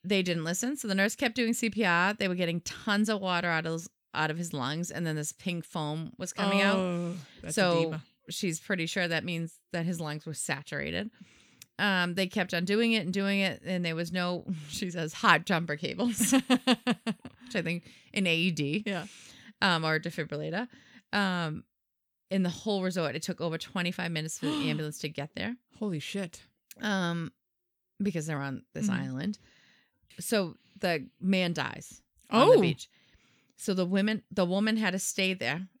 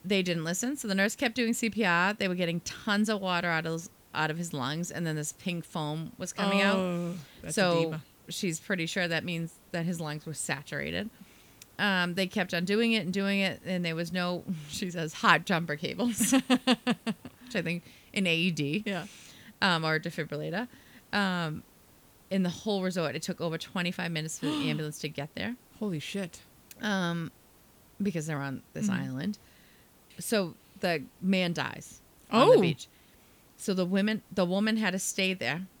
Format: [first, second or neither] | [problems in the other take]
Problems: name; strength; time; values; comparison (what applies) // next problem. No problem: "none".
first | hiss; faint; throughout; 30 dB below the speech